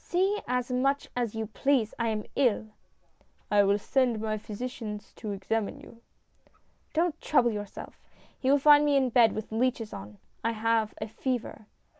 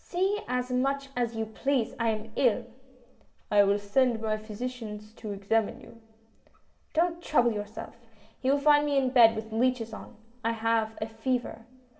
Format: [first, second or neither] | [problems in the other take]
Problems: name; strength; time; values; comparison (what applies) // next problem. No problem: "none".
first | room echo; dies away in 1.6 s